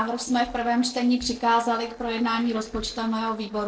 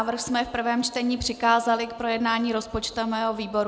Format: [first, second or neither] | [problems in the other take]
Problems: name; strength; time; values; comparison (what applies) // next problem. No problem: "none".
second | noise reduction (neural separator model SepFormer DNS4)